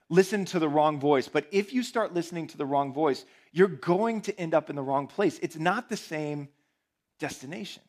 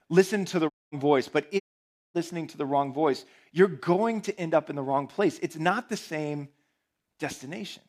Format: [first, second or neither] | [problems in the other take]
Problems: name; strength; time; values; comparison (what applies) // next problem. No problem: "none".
first | audio cutting out; at 0.5 s and at 1.5 s for 0.5 s